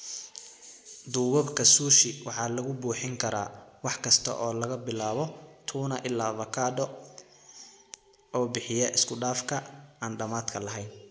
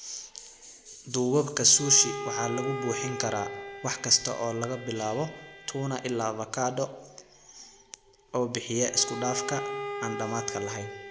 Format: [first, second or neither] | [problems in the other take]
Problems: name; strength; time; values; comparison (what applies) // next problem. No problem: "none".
first | background sound (Bowed string instrument); 10 dB below the speech